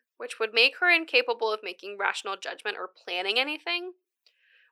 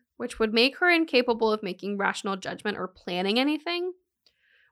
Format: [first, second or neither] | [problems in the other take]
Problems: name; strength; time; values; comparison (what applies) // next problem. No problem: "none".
second | thin; very; fading below 400 Hz